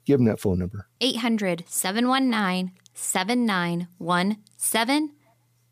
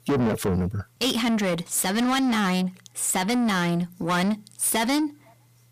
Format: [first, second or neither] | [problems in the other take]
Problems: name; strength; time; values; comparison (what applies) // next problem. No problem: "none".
first | distortion; heavy; 7 dB below the speech